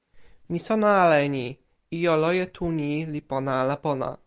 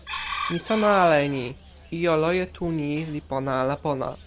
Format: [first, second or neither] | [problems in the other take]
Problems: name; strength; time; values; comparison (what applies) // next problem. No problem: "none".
first | background sound (Chicken, rooster); 13 dB below the speech